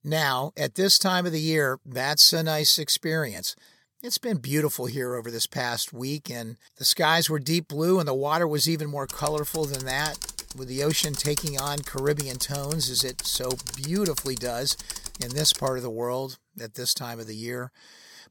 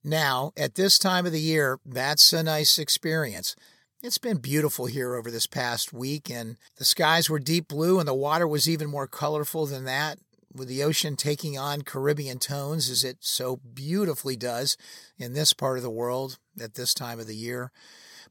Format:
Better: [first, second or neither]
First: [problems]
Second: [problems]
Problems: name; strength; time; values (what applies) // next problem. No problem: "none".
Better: second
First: keyboard typing; noticeable; from 9 to 16 s; peak 4 dB below the speech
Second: none